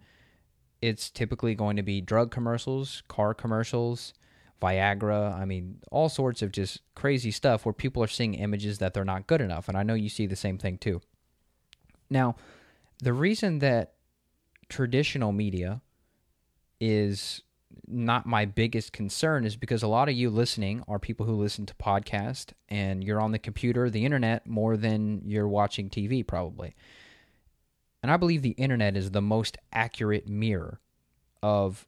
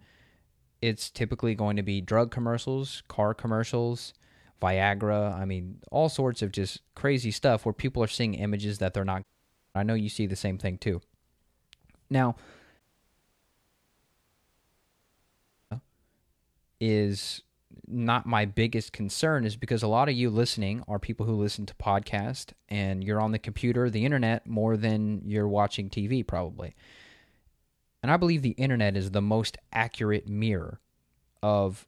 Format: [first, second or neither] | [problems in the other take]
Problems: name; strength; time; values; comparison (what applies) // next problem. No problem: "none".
first | audio cutting out; at 9 s for 0.5 s and at 13 s for 3 s